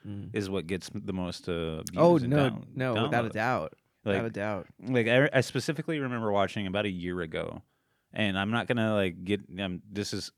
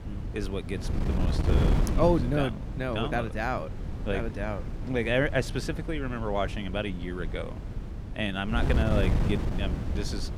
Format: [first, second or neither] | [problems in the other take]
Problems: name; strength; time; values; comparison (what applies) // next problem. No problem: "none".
first | wind noise on the microphone; heavy; 9 dB below the speech